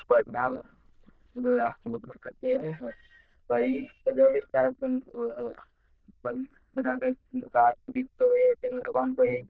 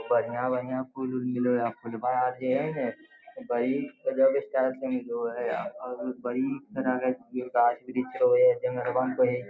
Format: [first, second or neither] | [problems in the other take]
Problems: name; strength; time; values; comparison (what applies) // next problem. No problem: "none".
second | noise reduction (neural diffusion model UNIVERSE++)